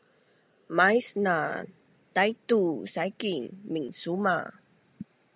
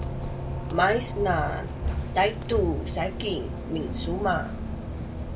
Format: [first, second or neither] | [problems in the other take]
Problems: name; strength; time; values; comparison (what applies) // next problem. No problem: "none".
first | background sound (Bus); 3 dB below the speech // room echo; dies away in 0.2 s